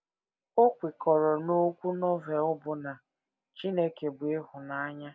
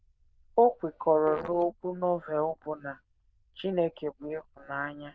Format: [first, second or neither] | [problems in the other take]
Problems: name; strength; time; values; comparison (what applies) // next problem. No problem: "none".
first | noise reduction (neural diffusion model UNIVERSE++)